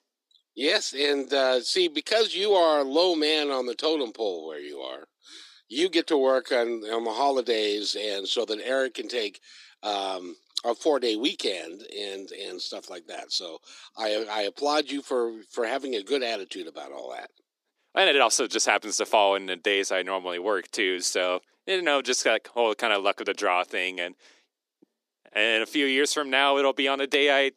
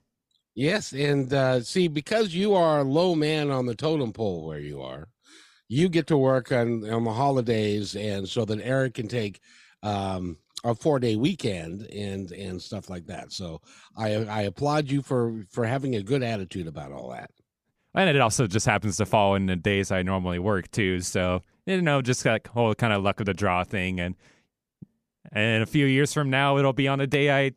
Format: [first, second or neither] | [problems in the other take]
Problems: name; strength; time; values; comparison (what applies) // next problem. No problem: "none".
second | thin; somewhat; fading below 300 Hz